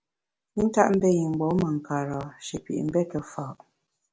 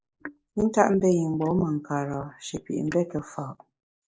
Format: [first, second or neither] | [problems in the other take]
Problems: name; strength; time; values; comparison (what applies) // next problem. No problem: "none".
first | noise reduction (neural mask model Resemble Enhance denoiser)